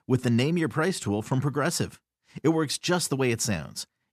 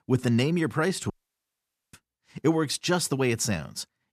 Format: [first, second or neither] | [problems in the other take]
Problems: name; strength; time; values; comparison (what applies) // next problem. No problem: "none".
first | audio cutting out; at 1 s for 1 s